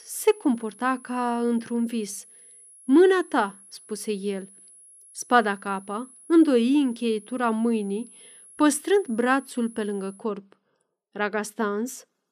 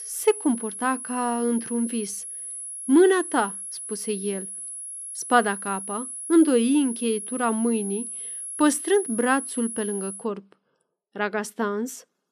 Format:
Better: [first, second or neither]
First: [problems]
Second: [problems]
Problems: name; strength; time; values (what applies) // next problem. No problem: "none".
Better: first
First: high-pitched whine; faint; until 10 s; 10.5 kHz, 25 dB below the speech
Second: high-pitched whine; loud; until 10 s; 10.5 kHz, 8 dB below the speech